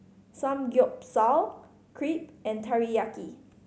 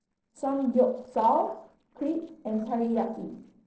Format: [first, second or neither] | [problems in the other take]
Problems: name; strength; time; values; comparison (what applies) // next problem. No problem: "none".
first | noise reduction (neural separator model SepFormer DNS4)